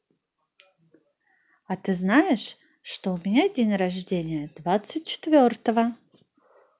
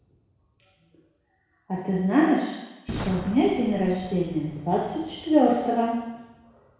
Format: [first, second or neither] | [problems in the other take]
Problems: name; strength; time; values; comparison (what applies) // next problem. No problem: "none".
first | background sound (Boom); 16 dB below the speech // room echo; dies away in 1.1 s